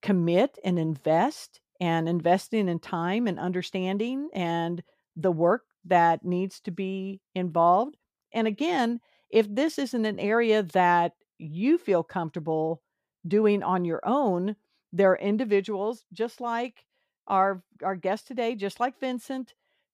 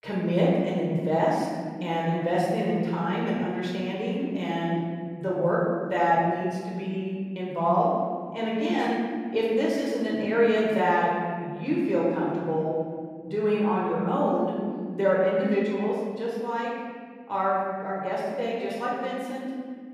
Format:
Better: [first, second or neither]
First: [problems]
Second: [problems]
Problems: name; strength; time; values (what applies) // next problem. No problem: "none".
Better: first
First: none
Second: off-mic speech; far // room echo; noticeable; dies away in 1.8 s